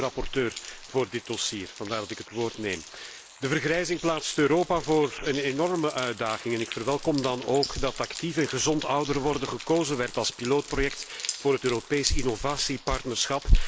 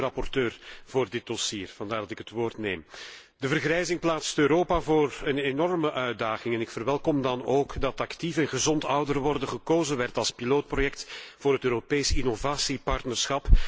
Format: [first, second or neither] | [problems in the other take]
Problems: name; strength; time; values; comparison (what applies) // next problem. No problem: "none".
second | noise reduction (neural mask model Resemble Enhance denoiser)